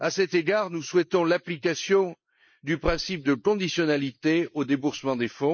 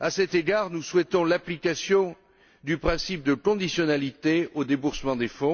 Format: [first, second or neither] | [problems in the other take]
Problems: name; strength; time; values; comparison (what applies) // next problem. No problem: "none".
second | noise reduction (neural mask model Resemble Enhance denoiser)